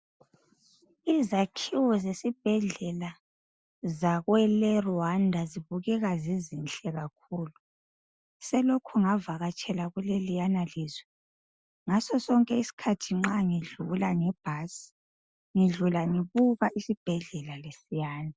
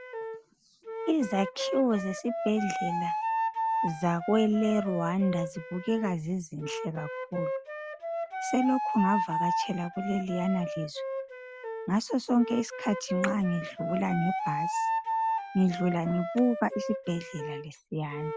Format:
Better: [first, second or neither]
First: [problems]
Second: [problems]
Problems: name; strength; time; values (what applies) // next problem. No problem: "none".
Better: first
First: none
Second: background sound (Wind instrument, woodwind instrument); 4 dB below the speech